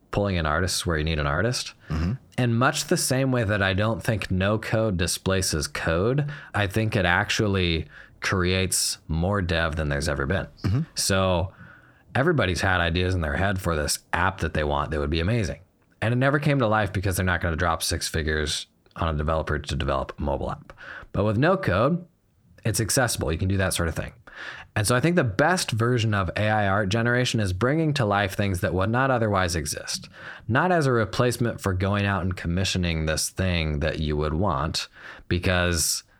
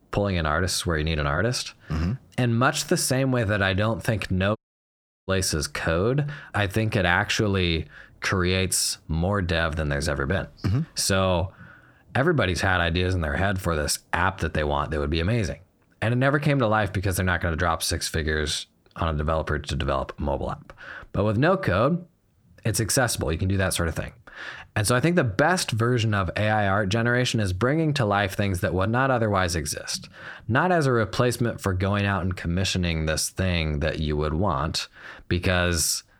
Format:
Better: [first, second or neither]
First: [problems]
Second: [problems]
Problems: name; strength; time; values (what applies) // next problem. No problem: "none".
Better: first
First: none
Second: audio cutting out; at 4.5 s for 0.5 s